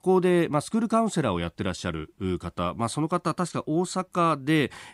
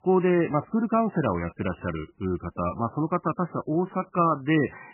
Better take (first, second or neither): first